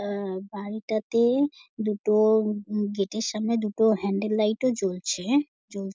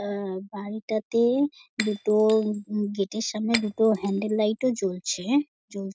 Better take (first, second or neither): first